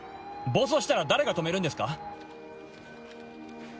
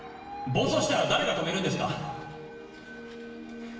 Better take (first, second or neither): first